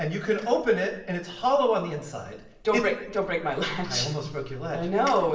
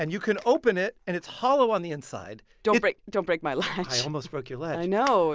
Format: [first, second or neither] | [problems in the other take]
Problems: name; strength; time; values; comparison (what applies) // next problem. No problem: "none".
second | room echo; dies away in 0.7 s